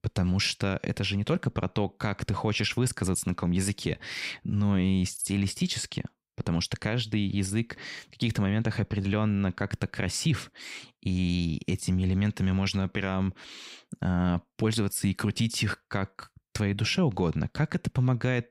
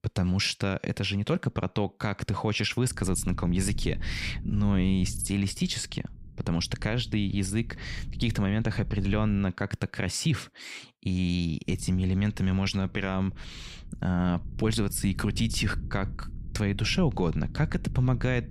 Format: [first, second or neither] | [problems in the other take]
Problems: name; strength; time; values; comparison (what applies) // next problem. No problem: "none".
first | low rumble; faint; from 3 to 9.5 s and from 12 s on; 20 dB below the speech